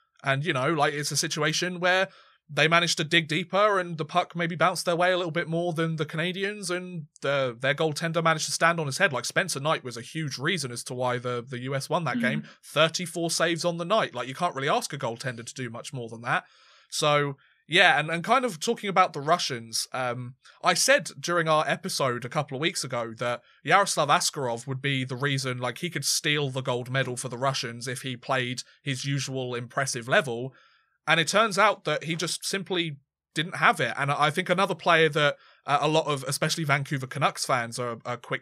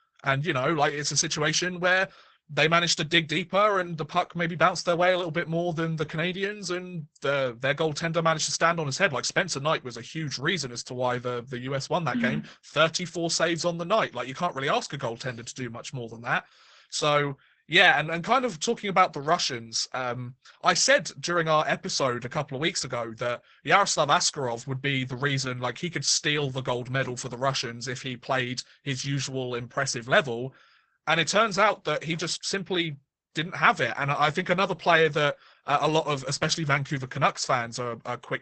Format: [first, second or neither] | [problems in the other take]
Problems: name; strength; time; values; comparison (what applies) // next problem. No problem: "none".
first | garbled, watery; badly; nothing above 8 kHz